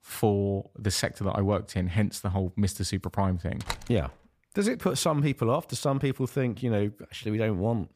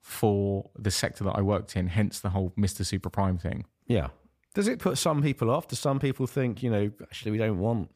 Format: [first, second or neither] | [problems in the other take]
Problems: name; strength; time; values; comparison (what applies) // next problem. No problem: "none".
second | door banging; noticeable; at 3.5 s; peak 8 dB below the speech